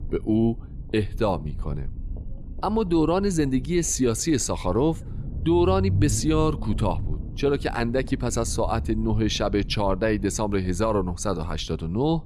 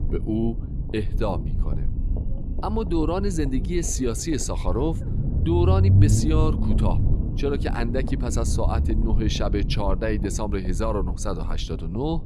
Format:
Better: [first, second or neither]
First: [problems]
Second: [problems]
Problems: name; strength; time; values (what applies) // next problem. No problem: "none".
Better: first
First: low rumble; faint; throughout; 20 dB below the speech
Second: low rumble; loud; throughout; 9 dB below the speech